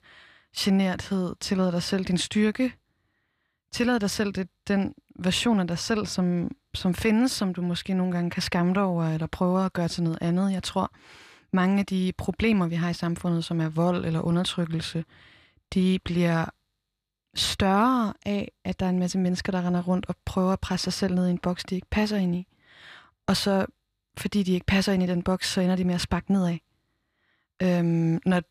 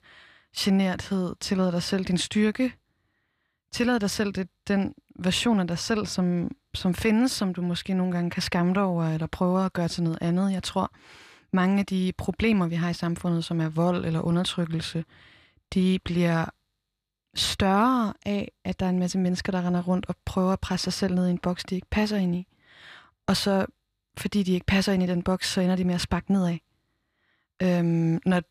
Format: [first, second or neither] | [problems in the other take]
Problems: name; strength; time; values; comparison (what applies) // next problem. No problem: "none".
neither | none